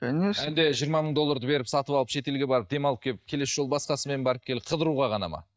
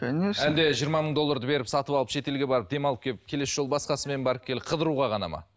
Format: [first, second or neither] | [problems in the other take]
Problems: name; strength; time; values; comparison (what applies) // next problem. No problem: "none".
second | noise reduction (neural mask model DeepFilterNet 3)